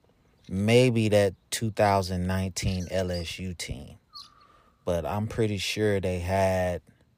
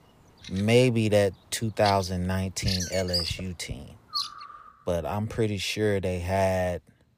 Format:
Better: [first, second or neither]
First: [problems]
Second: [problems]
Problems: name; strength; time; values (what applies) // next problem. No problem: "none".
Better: first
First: animal sounds; faint; until 5 s; 20 dB below the speech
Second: animal sounds; loud; until 5 s; 6 dB below the speech